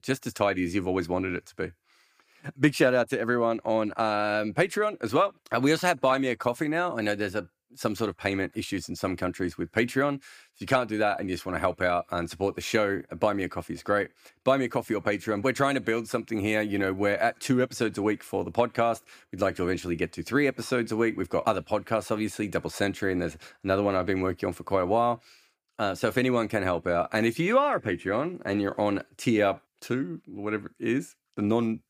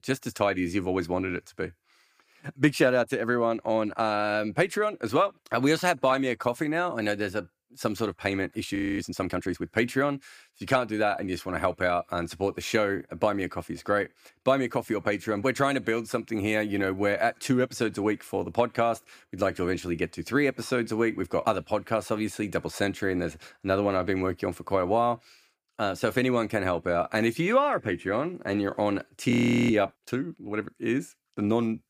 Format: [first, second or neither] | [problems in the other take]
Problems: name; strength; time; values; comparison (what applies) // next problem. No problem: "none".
first | audio freezing; at 9 s and at 29 s